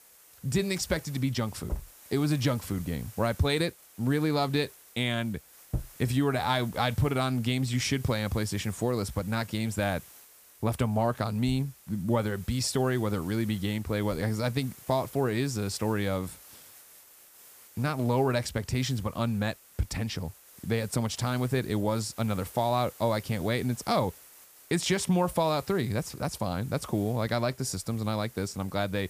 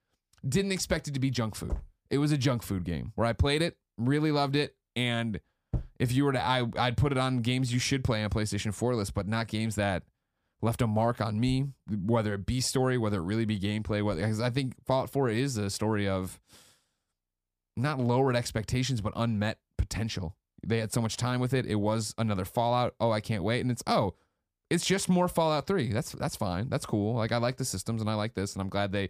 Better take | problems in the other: second | hiss; faint; throughout; 20 dB below the speech

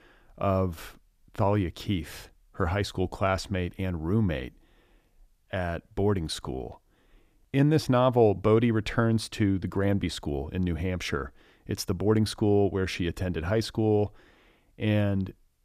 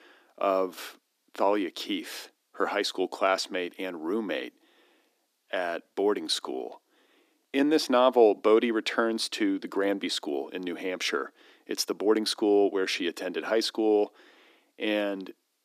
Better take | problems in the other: first | thin; somewhat; fading below 250 Hz

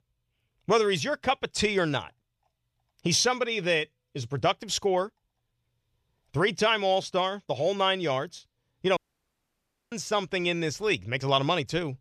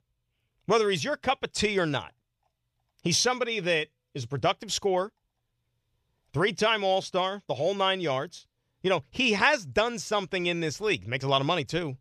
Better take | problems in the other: second | audio cutting out; at 9 s for 1 s

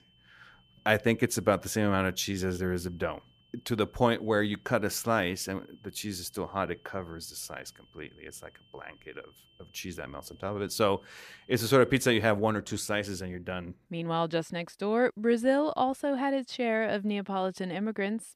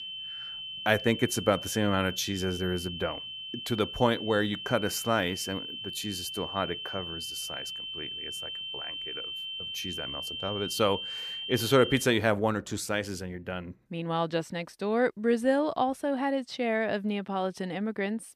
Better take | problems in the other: first | high-pitched whine; loud; until 12 s; 3 kHz, 6 dB below the speech; faint in the first

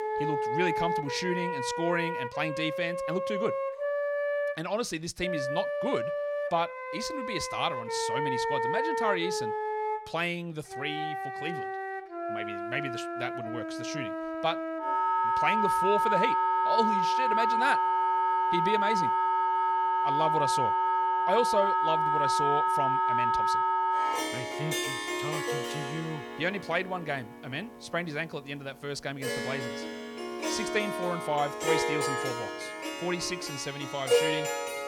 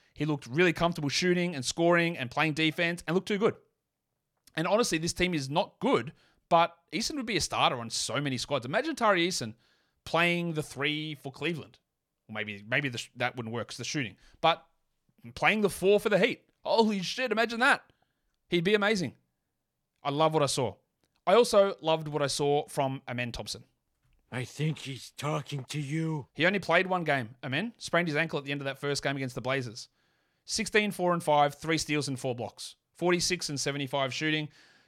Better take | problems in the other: second | background music; very loud; throughout; 4 dB above the speech

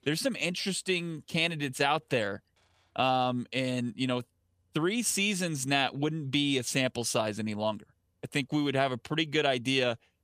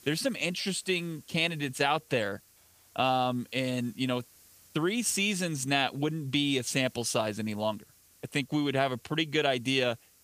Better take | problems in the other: first | hiss; faint; throughout; 25 dB below the speech

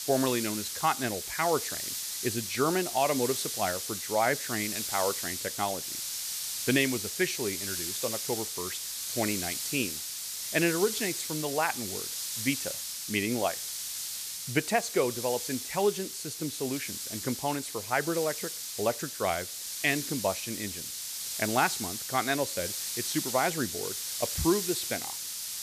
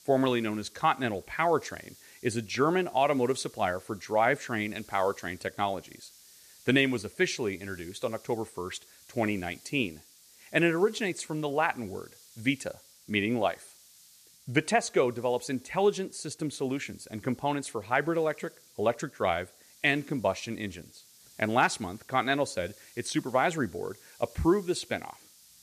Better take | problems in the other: second | hiss; loud; throughout; 2 dB below the speech; faint in the second

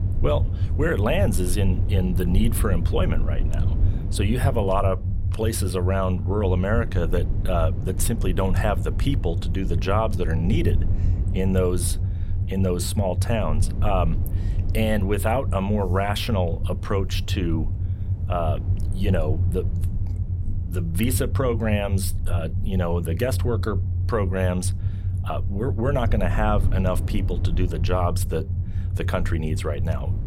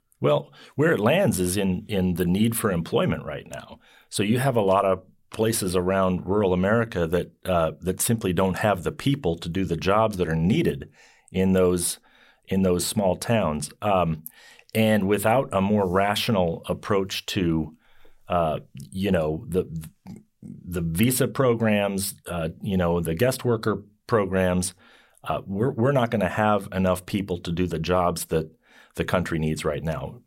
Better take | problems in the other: second | low rumble; noticeable; throughout; 15 dB below the speech

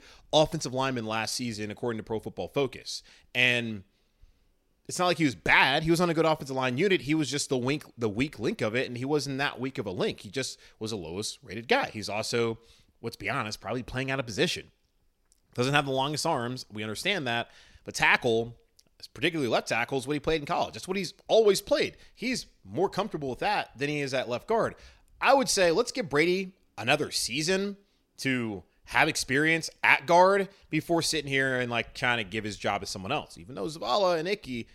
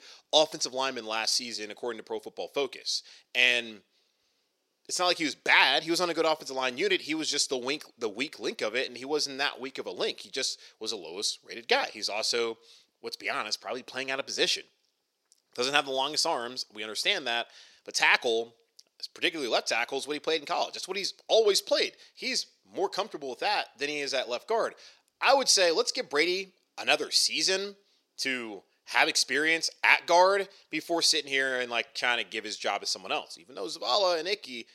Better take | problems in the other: first | thin; somewhat; fading below 400 Hz

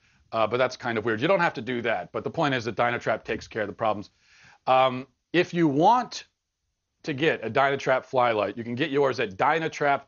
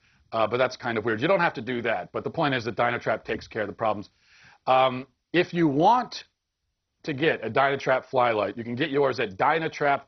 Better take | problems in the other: first | garbled, watery; badly; nothing above 6 kHz; slightly in the first

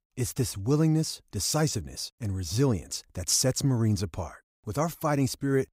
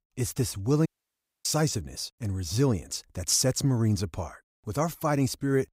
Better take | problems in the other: first | audio cutting out; at 1 s for 0.5 s

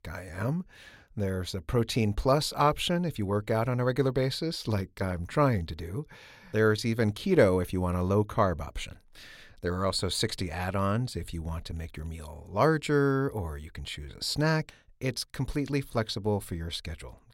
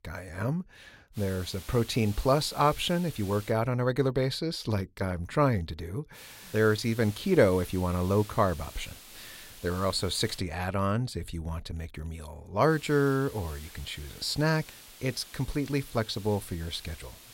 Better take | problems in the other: first | hiss; noticeable; from 1 to 3.5 s, from 6 to 10 s and from 13 s on; 20 dB below the speech

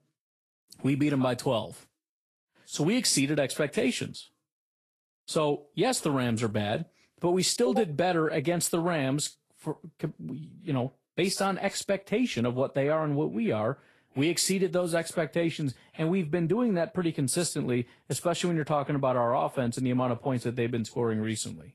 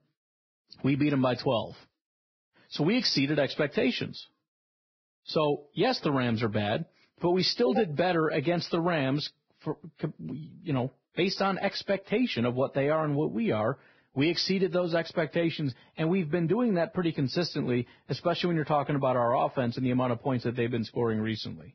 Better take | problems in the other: first | garbled, watery; badly; nothing above 5.5 kHz; slightly in the first

